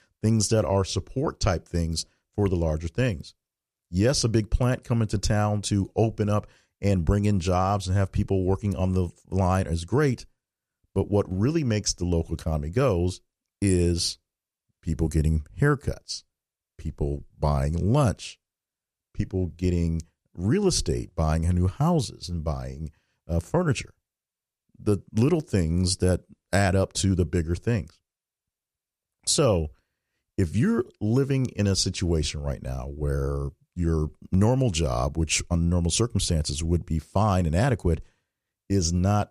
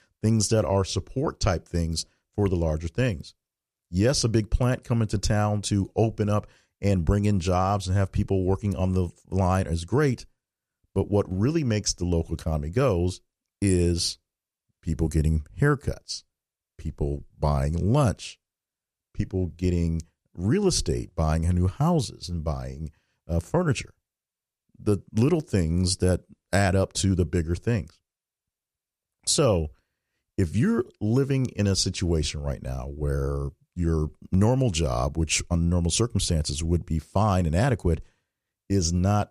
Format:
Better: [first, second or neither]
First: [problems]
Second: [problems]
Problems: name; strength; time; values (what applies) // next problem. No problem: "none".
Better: neither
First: none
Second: none